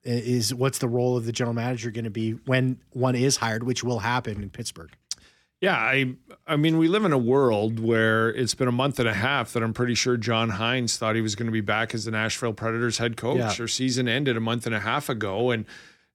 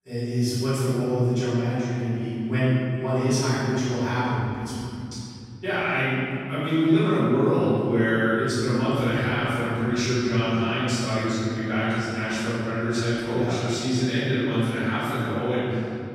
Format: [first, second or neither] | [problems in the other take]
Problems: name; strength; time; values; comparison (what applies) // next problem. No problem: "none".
first | off-mic speech; far // room echo; strong; dies away in 3 s